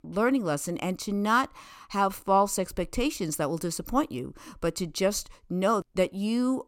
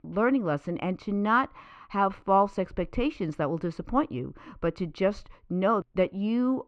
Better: first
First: none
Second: muffled; very; fading above 2.5 kHz

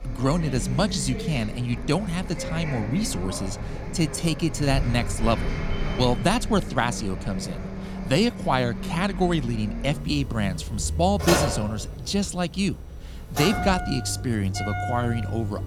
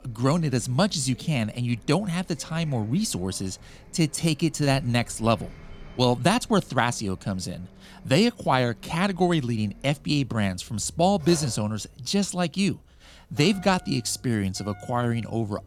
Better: second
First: traffic noise; loud; throughout; 6 dB below the speech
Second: traffic noise; faint; throughout; 25 dB below the speech

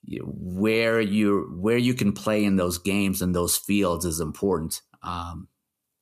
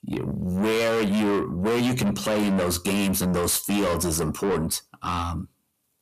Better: first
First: none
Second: distortion; heavy; 6 dB below the speech

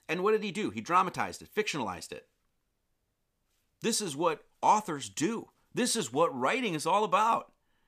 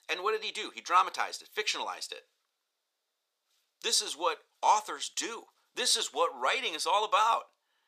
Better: first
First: none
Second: thin; very; fading below 500 Hz

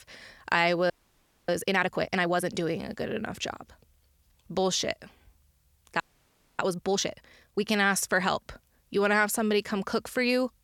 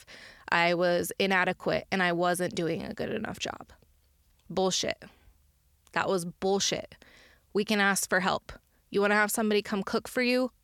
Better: second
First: audio freezing; at 1 s for 0.5 s and at 6 s for 0.5 s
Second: none

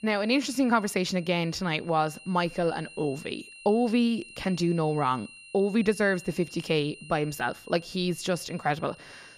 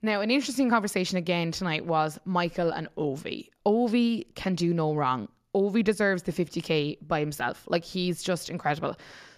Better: second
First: high-pitched whine; noticeable; throughout; 2.5 kHz, 20 dB below the speech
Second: none

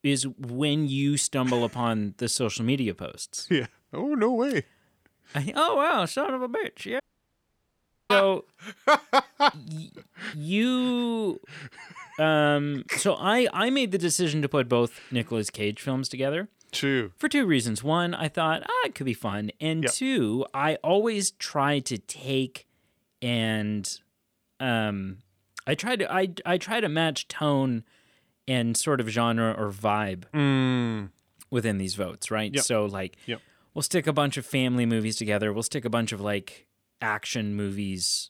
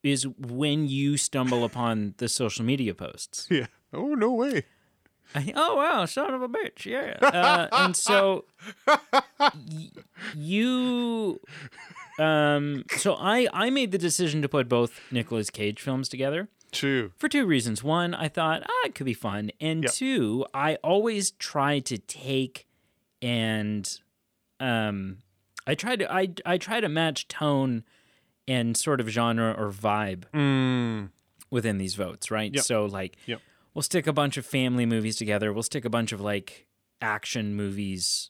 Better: second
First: audio cutting out; at 7 s for 1 s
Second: none

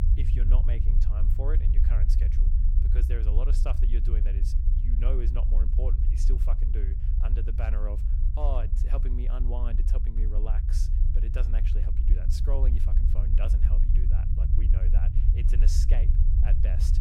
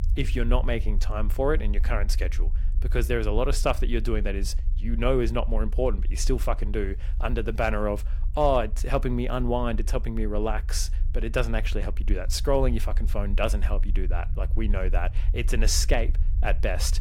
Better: second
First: low rumble; loud; throughout; 3 dB below the speech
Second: low rumble; faint; throughout; 20 dB below the speech

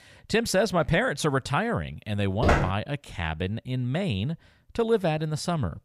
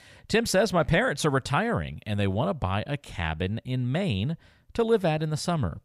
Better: second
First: footsteps; loud; at 2.5 s; peak 3 dB above the speech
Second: none

